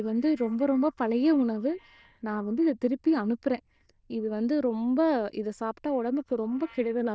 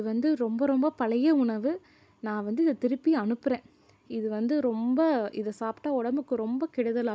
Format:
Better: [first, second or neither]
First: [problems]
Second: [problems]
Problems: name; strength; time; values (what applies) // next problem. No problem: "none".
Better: second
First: noise reduction (neural diffusion model UNIVERSE++)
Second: none